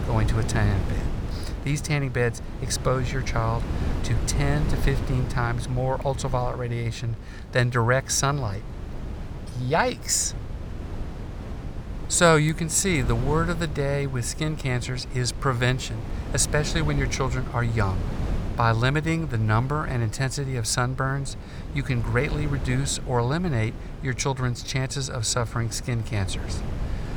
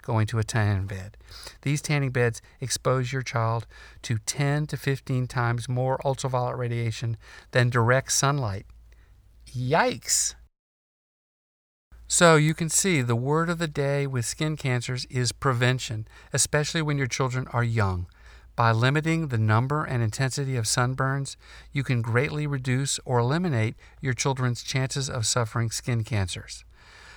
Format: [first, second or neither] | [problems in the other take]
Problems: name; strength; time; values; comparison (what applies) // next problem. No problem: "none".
second | wind noise on the microphone; occasional gusts; 15 dB below the speech